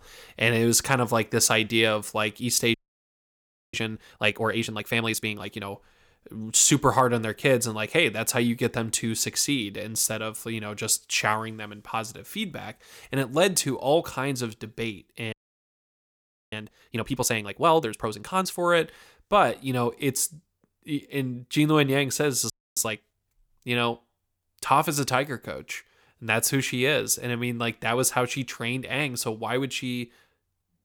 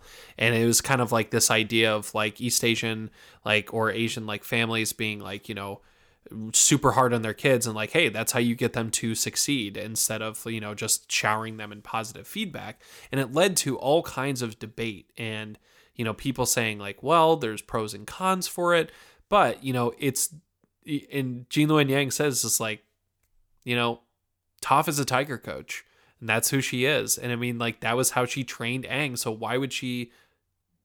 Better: second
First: audio freezing; at 2.5 s for 1 s, at 15 s for 1 s and at 23 s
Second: none

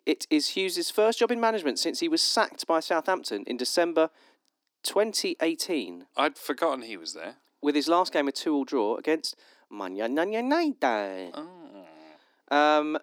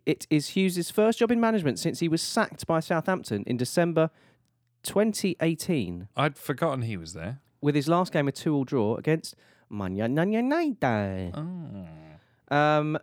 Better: second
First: thin; very slightly; fading below 300 Hz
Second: none

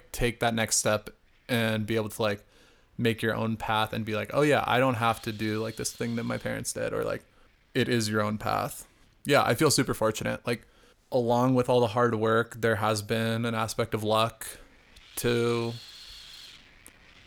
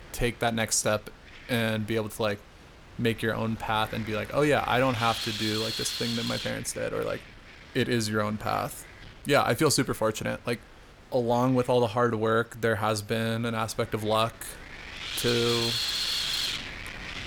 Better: first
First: wind noise on the microphone; occasional gusts; 20 dB below the speech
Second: wind noise on the microphone; heavy; 3 dB below the speech

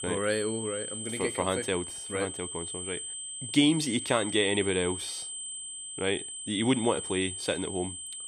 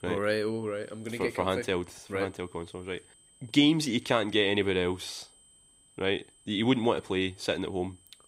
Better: second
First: high-pitched whine; loud; throughout; 8 kHz, 6 dB below the speech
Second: high-pitched whine; faint; throughout; 8 kHz, 30 dB below the speech

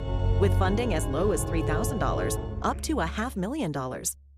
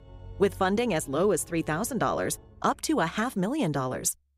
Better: second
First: background music; loud; until 3 s; as loud as the speech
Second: background music; faint; until 3 s; 20 dB below the speech

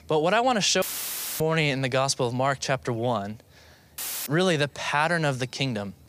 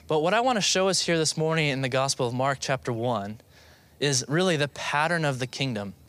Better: second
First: audio cutting out; filled with static; at 1 s for 0.5 s and at 4 s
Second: none

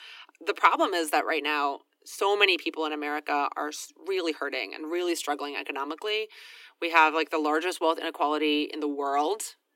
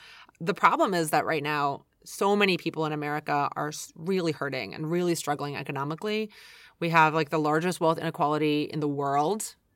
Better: second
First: thin; very slightly; fading below 300 Hz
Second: none

